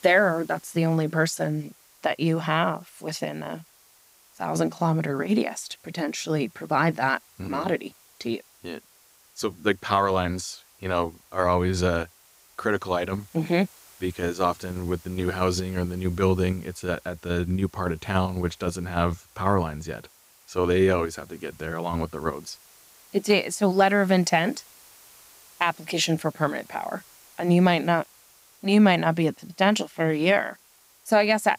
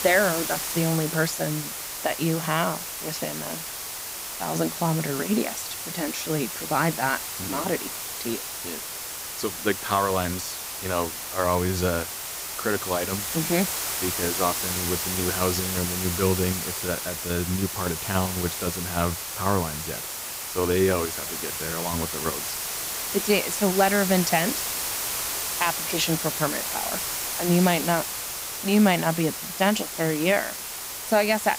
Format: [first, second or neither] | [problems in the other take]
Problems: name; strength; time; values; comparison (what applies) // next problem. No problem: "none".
first | hiss; loud; throughout; 3 dB below the speech; faint in the first